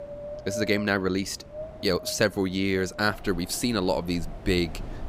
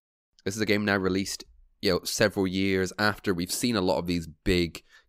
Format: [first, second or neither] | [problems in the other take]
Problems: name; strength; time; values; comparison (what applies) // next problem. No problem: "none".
second | wind in the background; noticeable; throughout; 15 dB below the speech